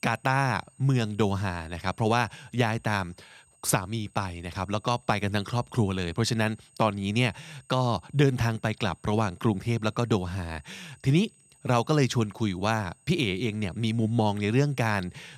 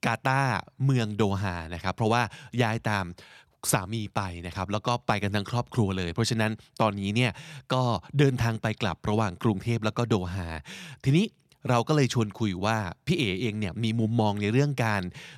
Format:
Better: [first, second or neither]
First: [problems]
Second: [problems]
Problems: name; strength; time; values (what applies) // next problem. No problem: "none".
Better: second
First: high-pitched whine; faint; throughout; 8.5 kHz, 30 dB below the speech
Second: none